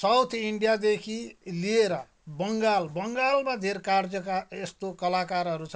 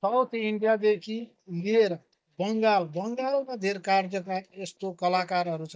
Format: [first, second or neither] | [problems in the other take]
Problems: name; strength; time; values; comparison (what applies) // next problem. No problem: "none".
first | noise reduction (neural mask model DeepFilterNet 3)